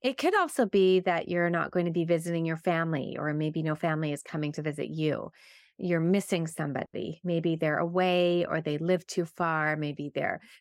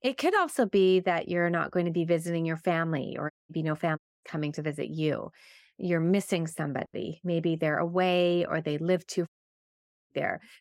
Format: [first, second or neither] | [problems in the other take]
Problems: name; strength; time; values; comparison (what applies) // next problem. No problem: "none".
first | audio cutting out; at 3.5 s, at 4 s and at 9.5 s for 1 s